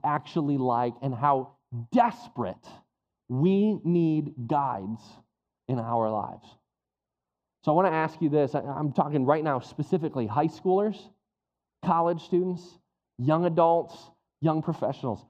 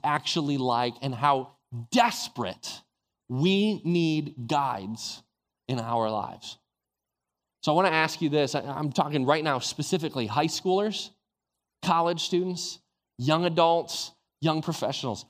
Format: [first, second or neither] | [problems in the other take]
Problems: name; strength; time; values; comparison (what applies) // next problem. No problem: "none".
second | muffled; very; fading above 2 kHz